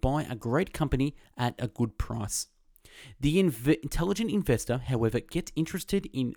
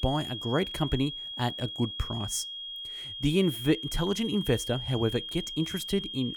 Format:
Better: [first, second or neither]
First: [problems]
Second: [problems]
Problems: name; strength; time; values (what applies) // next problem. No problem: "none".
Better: first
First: none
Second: high-pitched whine; loud; throughout; 3 kHz, 6 dB below the speech